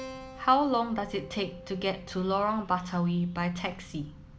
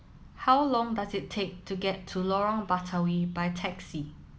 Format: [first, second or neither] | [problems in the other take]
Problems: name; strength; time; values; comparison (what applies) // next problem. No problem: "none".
second | background sound (Keyboard (musical)); 19 dB below the speech